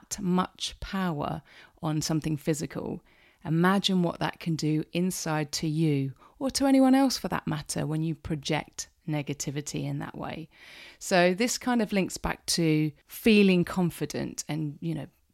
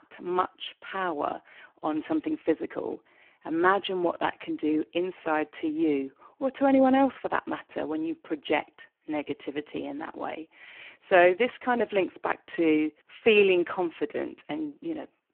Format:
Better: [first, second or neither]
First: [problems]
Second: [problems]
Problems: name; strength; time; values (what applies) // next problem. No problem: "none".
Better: first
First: none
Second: phone-call audio; poor line